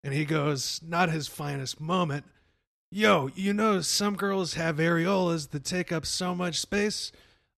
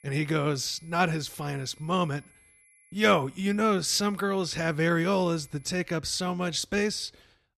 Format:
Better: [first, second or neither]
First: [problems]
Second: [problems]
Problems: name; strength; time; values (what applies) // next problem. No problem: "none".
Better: first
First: none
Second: high-pitched whine; faint; until 5.5 s; 11 kHz, 30 dB below the speech